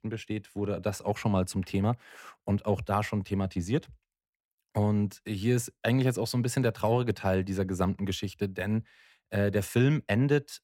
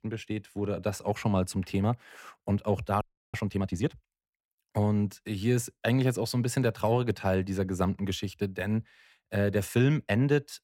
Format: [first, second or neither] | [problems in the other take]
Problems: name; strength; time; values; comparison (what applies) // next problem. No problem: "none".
first | audio freezing; at 3 s